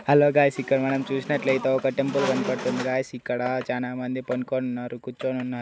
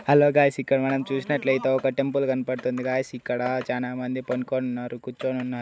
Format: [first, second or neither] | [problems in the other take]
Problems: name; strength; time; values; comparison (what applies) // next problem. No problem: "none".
second | background sound (Squeak); 11 dB below the speech